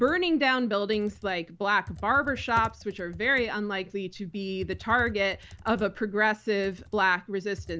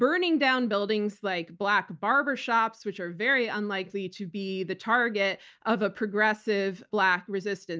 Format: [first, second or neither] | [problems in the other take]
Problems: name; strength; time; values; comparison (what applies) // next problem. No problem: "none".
second | background sound (Computer keyboard); 18 dB below the speech